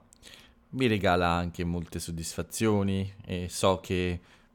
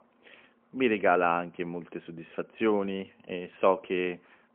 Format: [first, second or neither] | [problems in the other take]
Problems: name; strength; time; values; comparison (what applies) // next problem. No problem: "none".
first | phone-call audio; poor line; nothing above 3 kHz